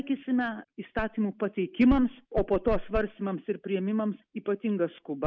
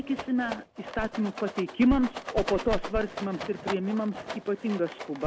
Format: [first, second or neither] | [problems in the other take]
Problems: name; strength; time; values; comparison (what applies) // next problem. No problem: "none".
first | background sound (Rattle); 11 dB below the speech